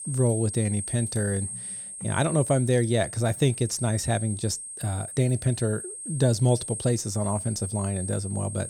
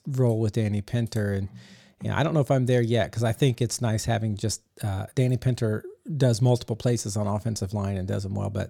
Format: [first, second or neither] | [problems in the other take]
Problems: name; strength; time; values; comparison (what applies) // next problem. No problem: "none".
second | high-pitched whine; loud; throughout; 8.5 kHz, 7 dB below the speech